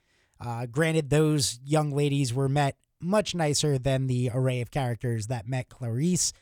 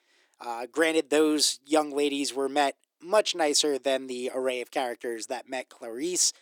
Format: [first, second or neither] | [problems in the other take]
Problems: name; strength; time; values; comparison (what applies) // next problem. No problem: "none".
first | thin; somewhat; fading below 300 Hz